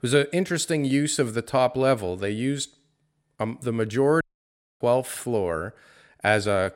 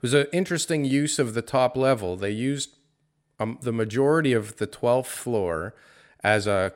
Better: second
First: audio cutting out; at 4 s for 0.5 s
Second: none

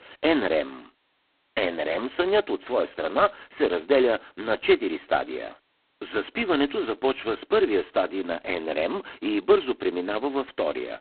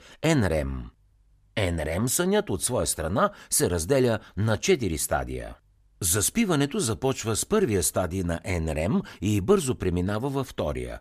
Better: second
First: phone-call audio; poor line; nothing above 4 kHz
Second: none

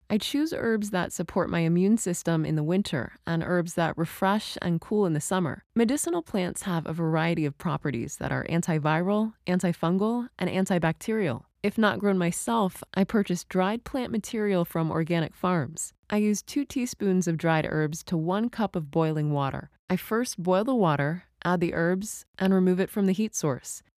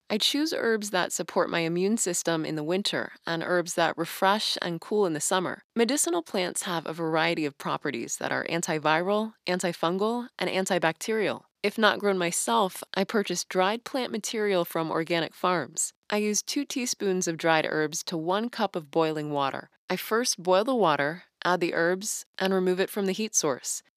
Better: first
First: none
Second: thin; somewhat; fading below 350 Hz

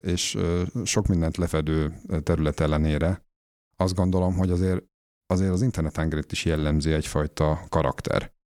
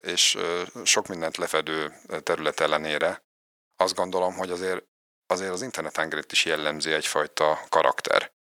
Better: first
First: none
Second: thin; very; fading below 650 Hz

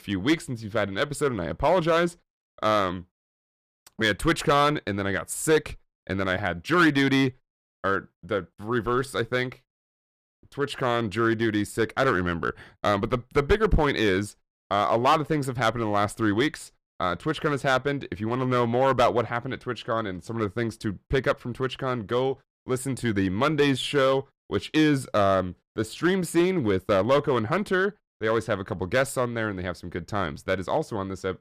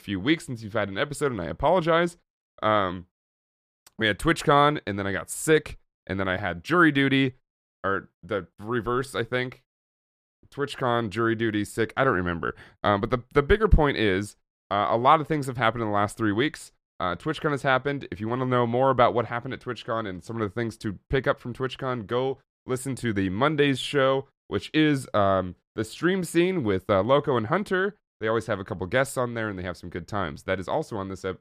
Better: second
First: distortion; slight; 3% of the sound clipped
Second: none

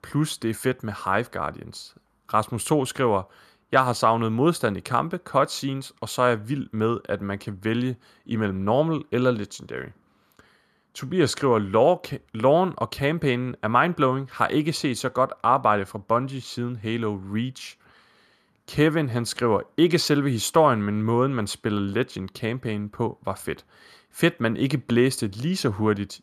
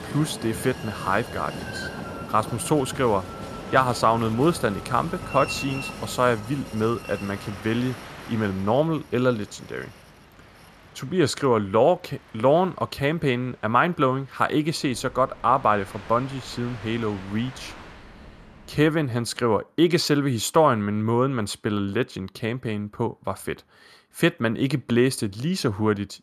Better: first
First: none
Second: train or aircraft noise; noticeable; until 19 s; 15 dB below the speech

